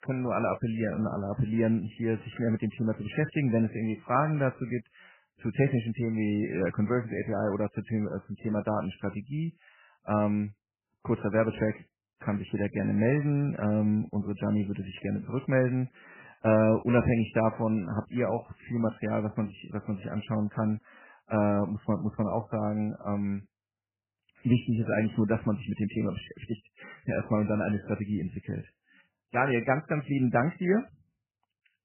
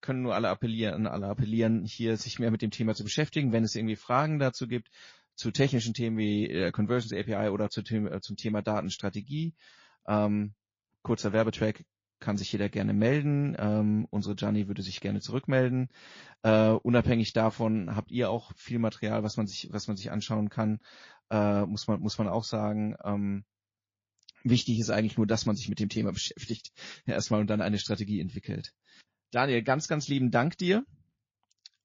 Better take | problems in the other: second | garbled, watery; badly; nothing above 3 kHz; slightly in the second

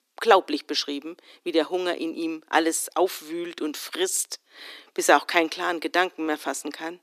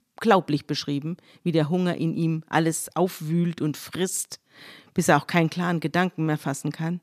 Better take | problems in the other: second | thin; very; fading below 300 Hz

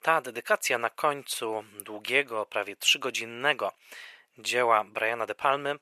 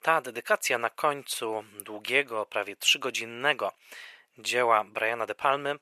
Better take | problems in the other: neither | thin; very; fading below 600 Hz; the same in both

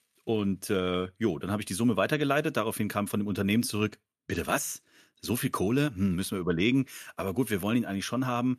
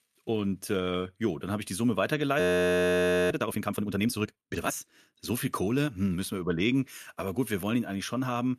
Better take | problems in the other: first | audio freezing; at 2.5 s for 1 s

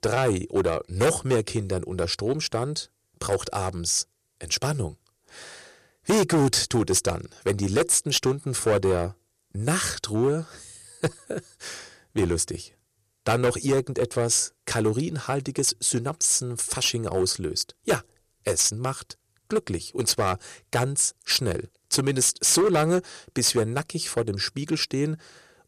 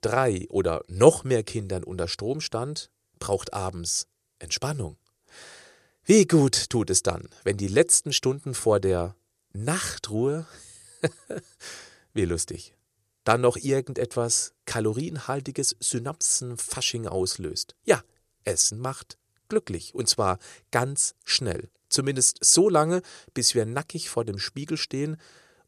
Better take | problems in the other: second | distortion; heavy; 6% of the sound clipped

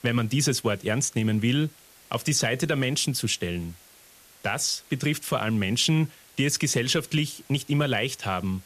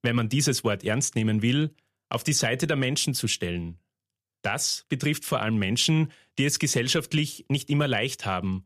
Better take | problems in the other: second | hiss; faint; throughout; 25 dB below the speech

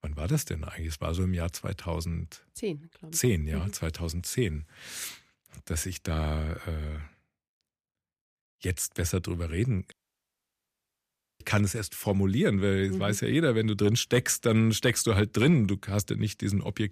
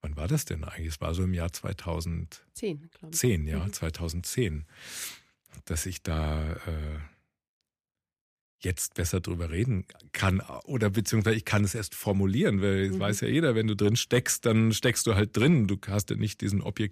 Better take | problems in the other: second | audio cutting out; at 10 s for 1.5 s

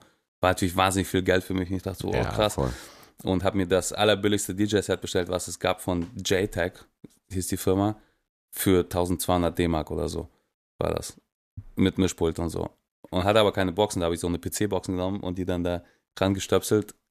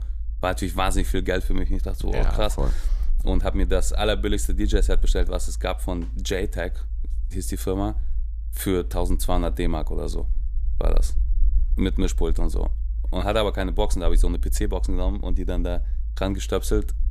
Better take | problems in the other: first | low rumble; faint; throughout; 25 dB below the speech

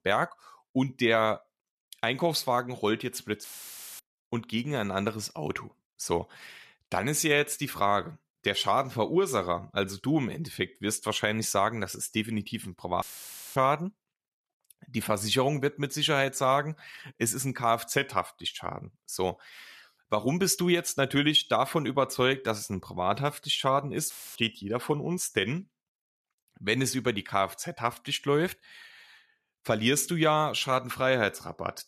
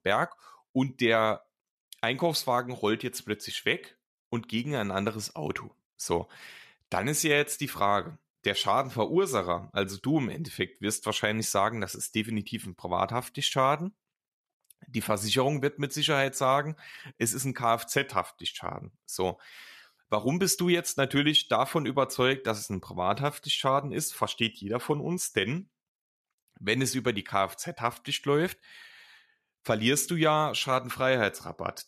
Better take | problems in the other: second | audio cutting out; filled with static; at 3.5 s for 0.5 s, at 13 s for 0.5 s and at 24 s

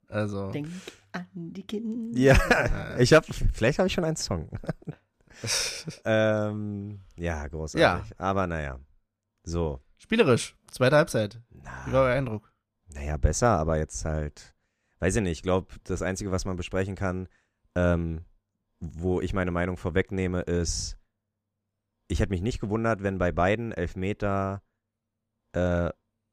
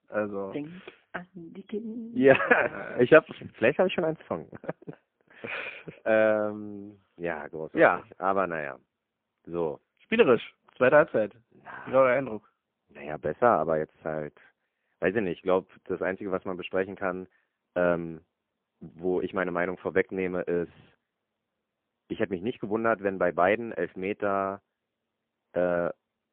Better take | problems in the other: first | phone-call audio; poor line

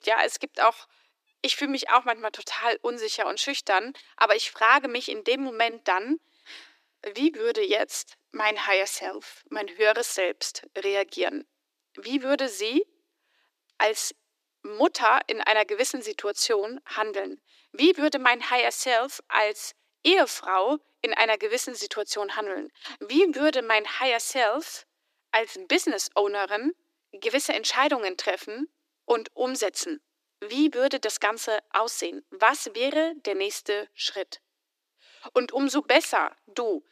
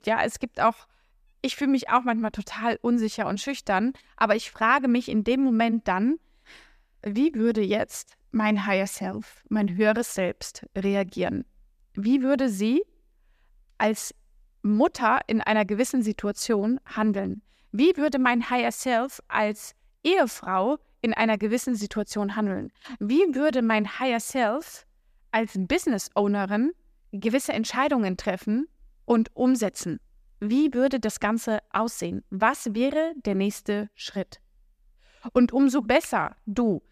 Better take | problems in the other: second | thin; somewhat; fading below 300 Hz

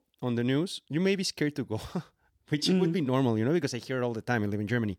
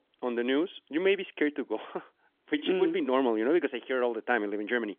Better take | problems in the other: first | phone-call audio; nothing above 3.5 kHz

